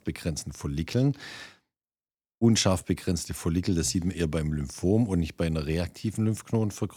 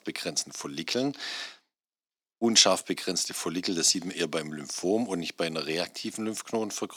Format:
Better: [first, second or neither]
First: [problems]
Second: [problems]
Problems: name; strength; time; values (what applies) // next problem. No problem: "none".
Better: first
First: none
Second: thin; somewhat; fading below 250 Hz